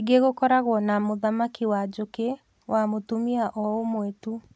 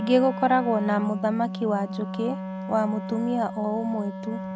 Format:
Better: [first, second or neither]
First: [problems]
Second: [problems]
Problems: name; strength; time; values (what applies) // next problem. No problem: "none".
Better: first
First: none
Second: background sound (Wind instrument, woodwind instrument); 8 dB below the speech